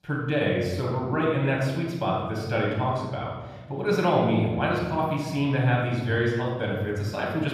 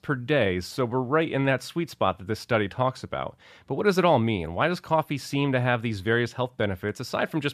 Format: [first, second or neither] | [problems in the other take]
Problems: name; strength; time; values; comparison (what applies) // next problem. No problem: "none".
second | off-mic speech; far // room echo; noticeable; dies away in 1.7 s